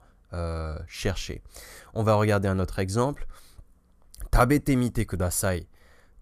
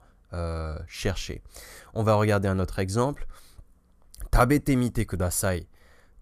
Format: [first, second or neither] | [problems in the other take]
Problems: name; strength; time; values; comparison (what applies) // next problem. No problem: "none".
neither | none